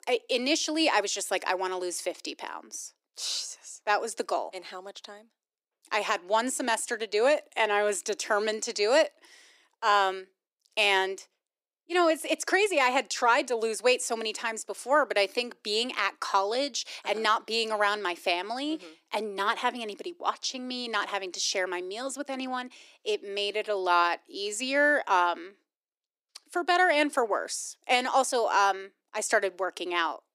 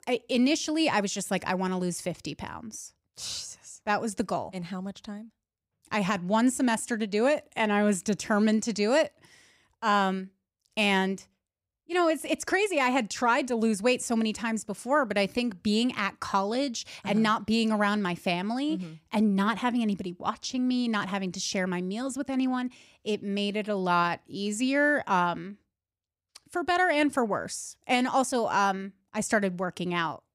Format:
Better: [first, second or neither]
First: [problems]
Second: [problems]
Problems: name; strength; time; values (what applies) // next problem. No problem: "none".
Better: second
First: thin; somewhat; fading below 300 Hz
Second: none